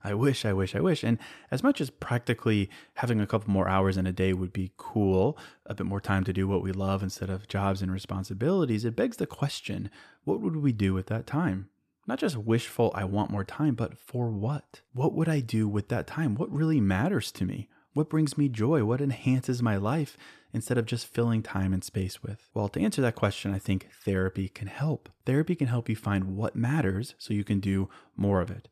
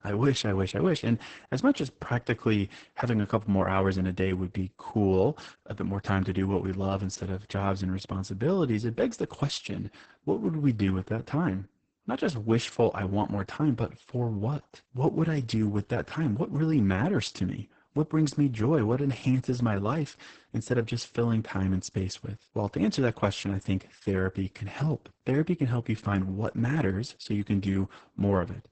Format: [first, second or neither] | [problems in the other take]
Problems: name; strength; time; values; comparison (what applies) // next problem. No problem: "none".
first | garbled, watery; badly; nothing above 8 kHz